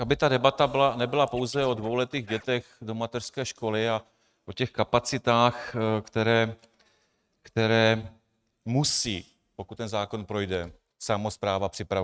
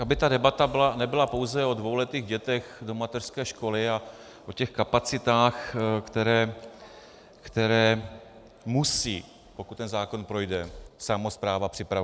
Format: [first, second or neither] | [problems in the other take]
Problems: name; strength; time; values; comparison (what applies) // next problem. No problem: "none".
second | noise reduction (neural mask model RNNoise)